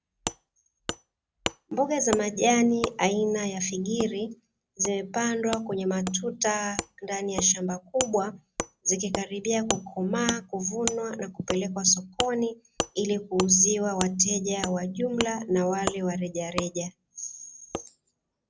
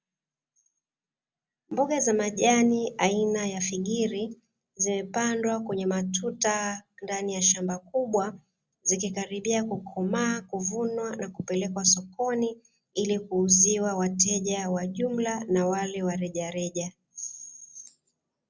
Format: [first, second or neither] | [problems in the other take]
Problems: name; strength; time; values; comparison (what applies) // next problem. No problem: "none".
second | background sound (Wood); 10 dB below the speech